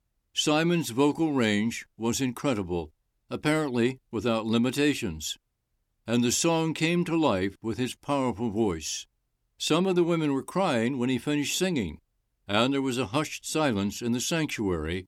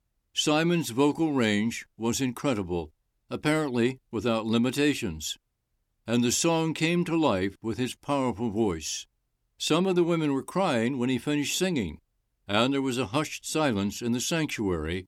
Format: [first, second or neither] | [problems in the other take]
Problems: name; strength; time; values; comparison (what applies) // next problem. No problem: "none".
neither | none